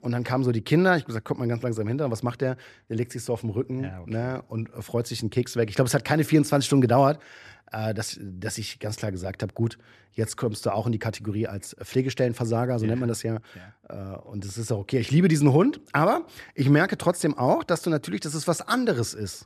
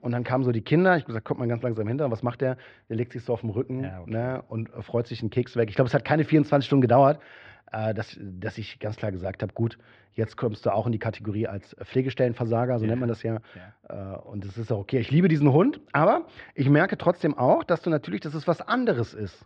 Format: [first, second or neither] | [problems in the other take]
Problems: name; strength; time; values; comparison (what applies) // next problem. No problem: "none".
first | muffled; slightly; fading above 3.5 kHz